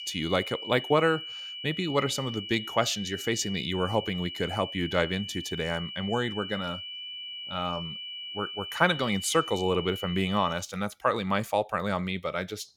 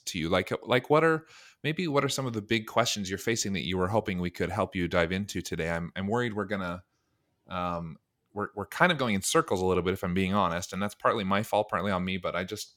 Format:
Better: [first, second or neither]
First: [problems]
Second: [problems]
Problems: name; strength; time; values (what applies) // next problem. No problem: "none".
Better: second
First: high-pitched whine; loud; until 11 s; 3 kHz, 8 dB below the speech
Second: none